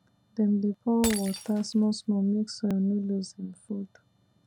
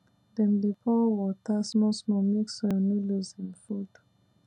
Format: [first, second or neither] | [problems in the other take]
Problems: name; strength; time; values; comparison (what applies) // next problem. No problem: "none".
second | background sound (Shatter); 16 dB below the speech